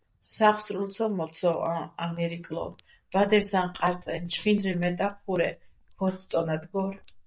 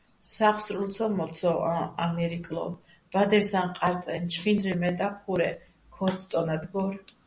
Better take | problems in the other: second | noise reduction (neural mask model DeepFilterNet 3)

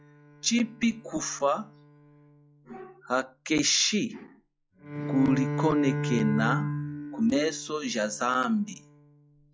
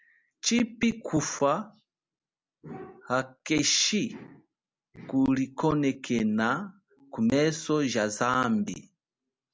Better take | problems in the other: second | noise reduction (classical method log-MMSE)

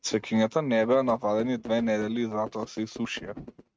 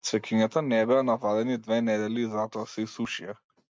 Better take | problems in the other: second | noise reduction (neural mask model RNNoise)

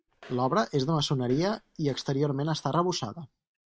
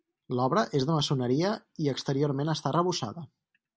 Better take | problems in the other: second | noise reduction (neural mask model RNNoise)

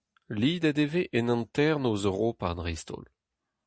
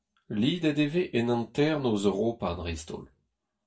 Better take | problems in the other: first | room echo; dies away in 0.2 s

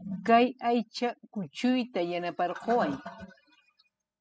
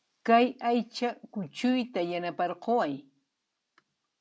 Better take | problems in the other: second | noise reduction (classical method spectral subtraction)

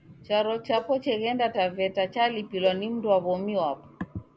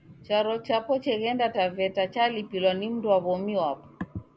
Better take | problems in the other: second | background sound (Cowbell); 19 dB below the speech

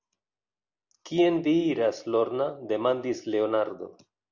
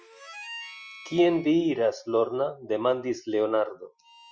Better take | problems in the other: first | noise reduction (classical method Wiener filter)

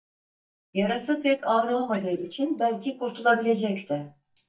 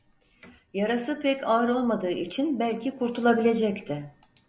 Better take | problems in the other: second | noise reduction (neural mask model DeepFilterNet 3)

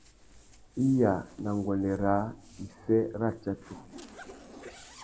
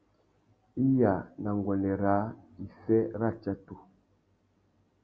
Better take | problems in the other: second | background sound (Zipper (clothing)); 20 dB below the speech

